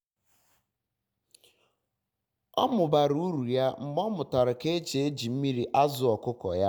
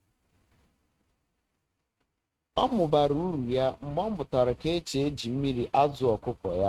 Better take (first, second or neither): first